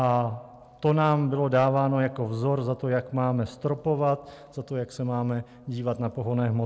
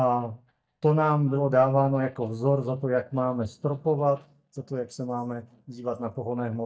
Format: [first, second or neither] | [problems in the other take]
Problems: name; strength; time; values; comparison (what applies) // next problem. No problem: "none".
first | noise reduction (neural mask model DeepFilterNet 3)